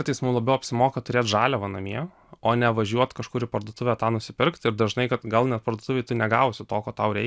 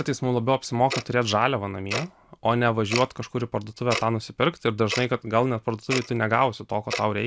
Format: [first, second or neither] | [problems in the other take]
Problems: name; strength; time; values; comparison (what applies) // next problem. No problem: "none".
first | background sound (Tick-tock); 12 dB below the speech